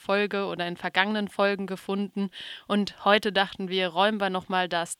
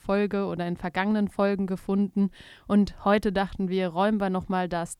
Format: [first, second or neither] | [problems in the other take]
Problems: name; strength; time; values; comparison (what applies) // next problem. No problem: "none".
second | thin; very slightly; fading below 500 Hz